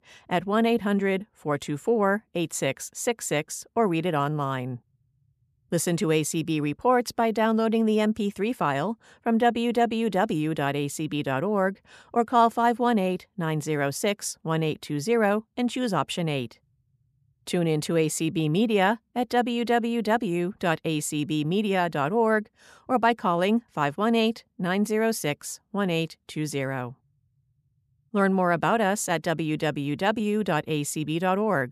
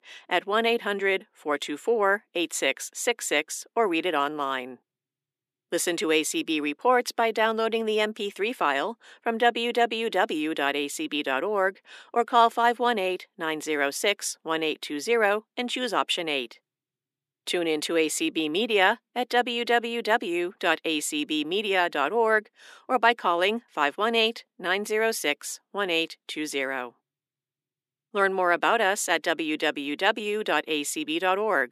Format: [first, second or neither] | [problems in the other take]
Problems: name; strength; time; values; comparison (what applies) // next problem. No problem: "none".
first | thin; somewhat; fading below 300 Hz